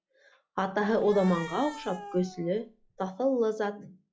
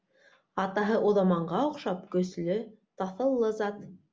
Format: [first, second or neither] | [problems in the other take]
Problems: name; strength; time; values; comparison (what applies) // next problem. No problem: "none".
second | noise reduction (classical method log-MMSE)